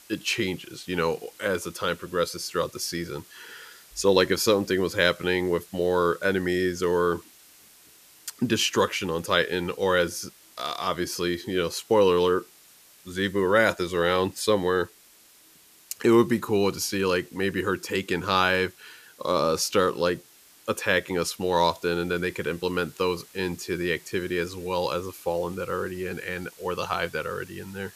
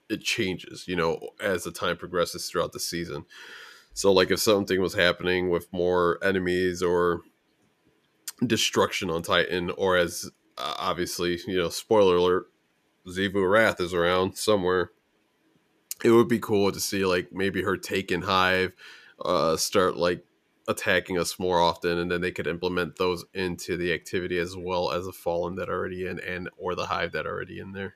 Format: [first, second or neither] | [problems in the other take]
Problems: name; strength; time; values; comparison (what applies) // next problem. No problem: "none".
second | hiss; faint; throughout; 25 dB below the speech